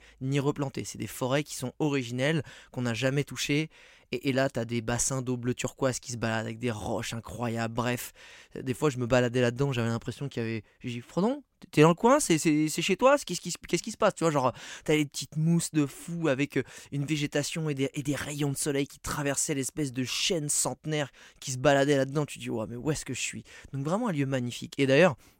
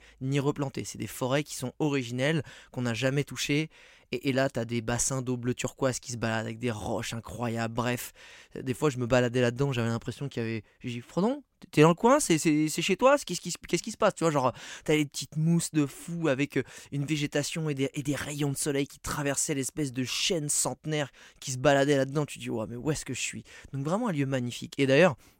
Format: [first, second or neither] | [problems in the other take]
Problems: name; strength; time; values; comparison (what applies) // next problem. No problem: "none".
neither | none